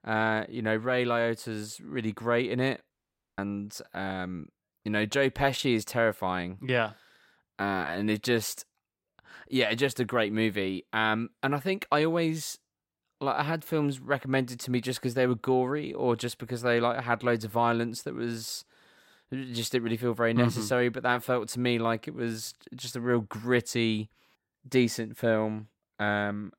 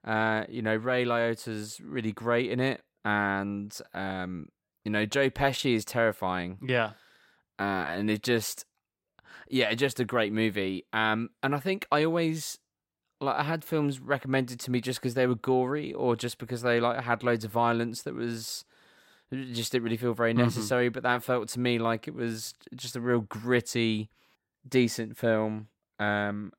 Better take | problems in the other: second | audio cutting out; at 3 s

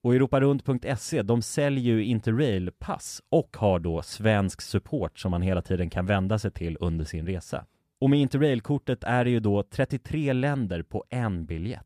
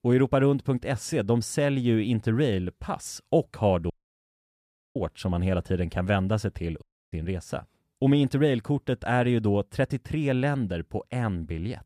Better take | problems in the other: first | audio cutting out; at 4 s for 1 s and at 7 s

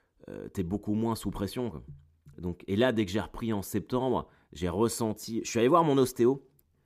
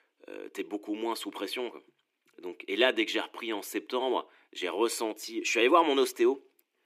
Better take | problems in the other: first | thin; somewhat; fading below 300 Hz

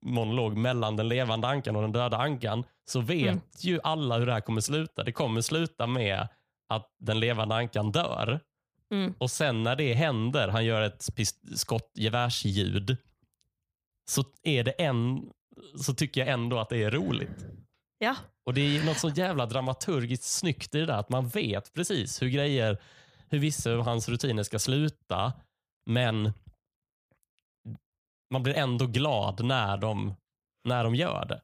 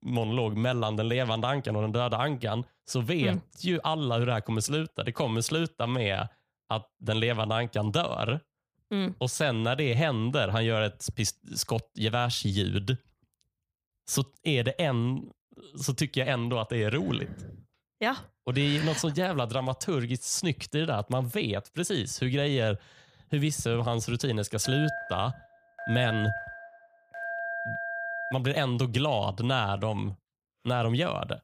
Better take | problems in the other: first | phone ringing; noticeable; from 25 to 28 s; peak 4 dB below the speech

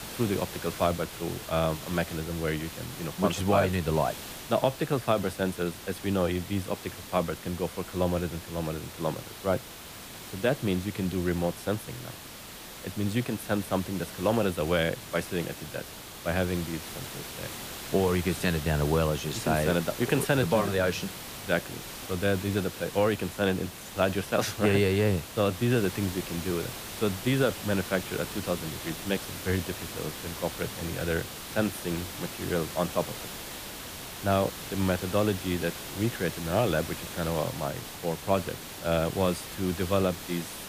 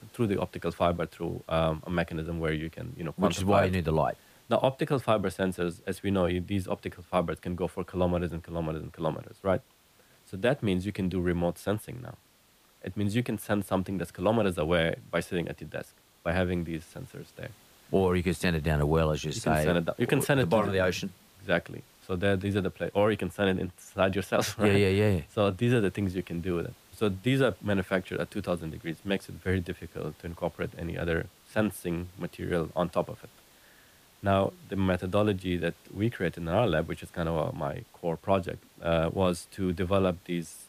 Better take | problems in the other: second | hiss; loud; throughout; 9 dB below the speech; faint in the second

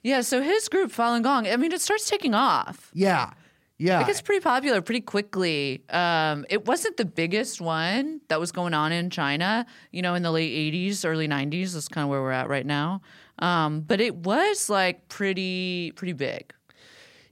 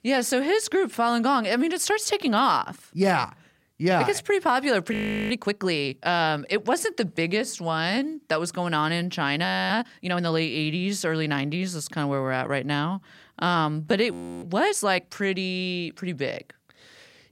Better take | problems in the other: first | audio freezing; at 5 s, at 9.5 s and at 14 s

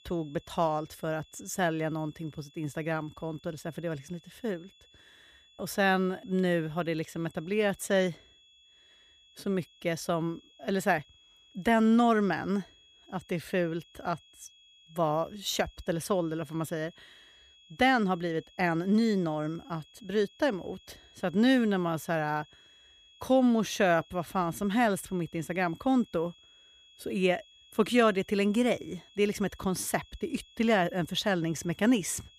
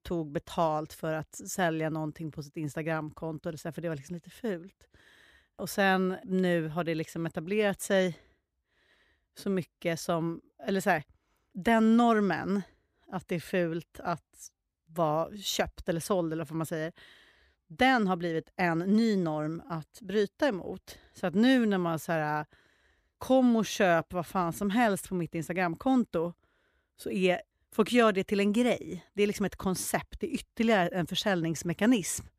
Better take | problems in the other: second | high-pitched whine; faint; throughout; 3.5 kHz, 25 dB below the speech

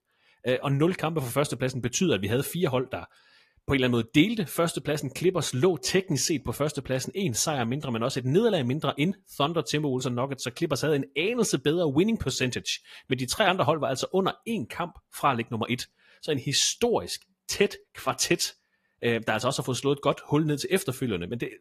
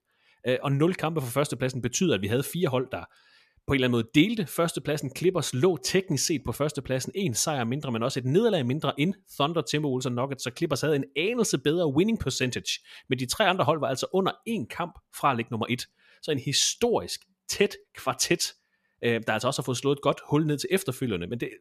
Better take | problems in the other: second | garbled, watery; slightly; nothing above 14.5 kHz

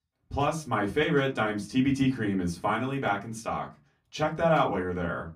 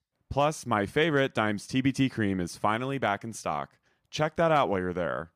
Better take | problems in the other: second | off-mic speech; far // room echo; very slight; dies away in 0.2 s

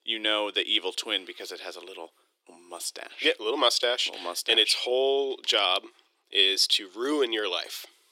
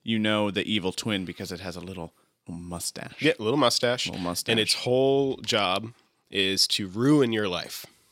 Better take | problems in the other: second | thin; somewhat; fading below 350 Hz

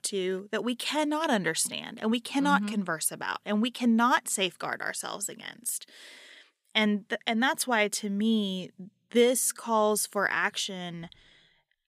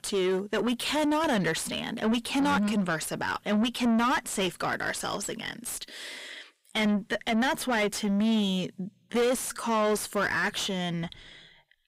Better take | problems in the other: first | distortion; heavy; 6 dB below the speech

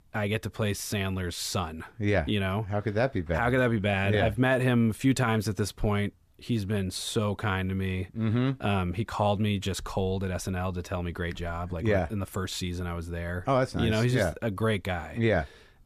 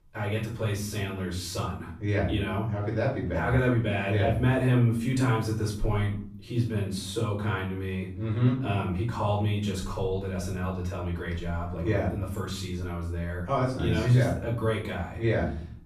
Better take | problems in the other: first | off-mic speech; far // room echo; noticeable; dies away in 0.5 s

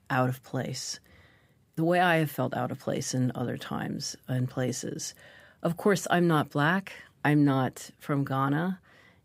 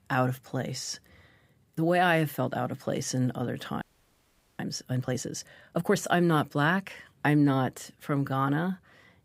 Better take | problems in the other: first | audio freezing; at 4 s for 1 s

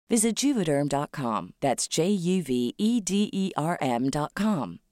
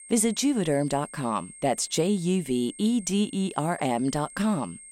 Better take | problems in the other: first | high-pitched whine; noticeable; throughout; 8.5 kHz, 15 dB below the speech

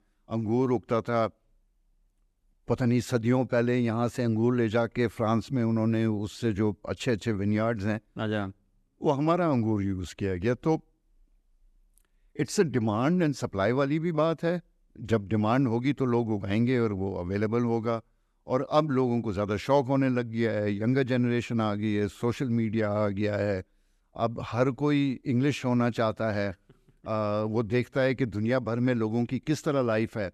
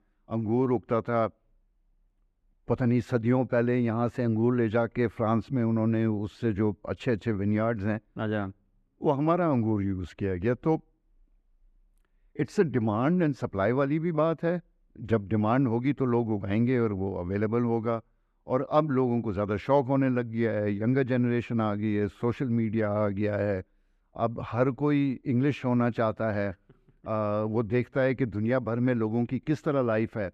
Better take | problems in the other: first | muffled; slightly; fading above 3.5 kHz

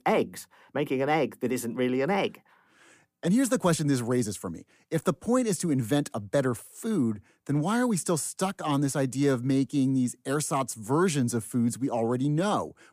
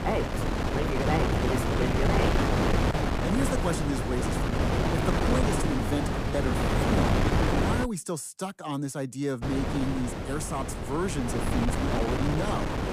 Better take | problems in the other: first | wind noise on the microphone; heavy; until 8 s and from 9.5 s on; 4 dB above the speech

